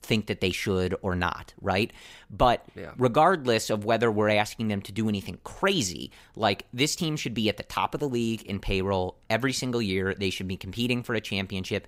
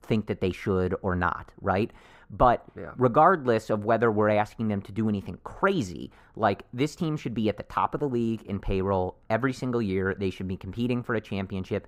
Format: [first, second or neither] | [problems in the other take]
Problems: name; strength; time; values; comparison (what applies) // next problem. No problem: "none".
first | muffled; very; fading above 2 kHz